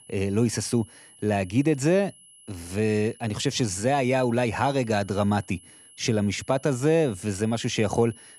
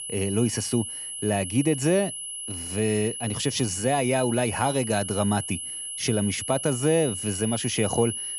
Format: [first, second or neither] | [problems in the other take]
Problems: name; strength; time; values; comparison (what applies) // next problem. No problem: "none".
first | high-pitched whine; loud; throughout; 10.5 kHz, 6 dB below the speech; faint in the first